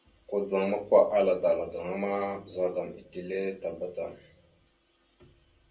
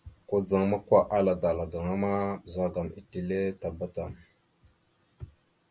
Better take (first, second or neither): second